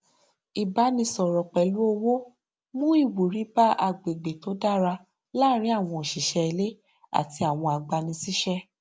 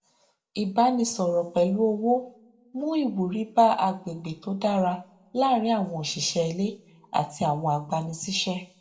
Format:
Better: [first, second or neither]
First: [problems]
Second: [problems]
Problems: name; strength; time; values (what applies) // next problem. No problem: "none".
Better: first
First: none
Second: room echo; dies away in 0.3 s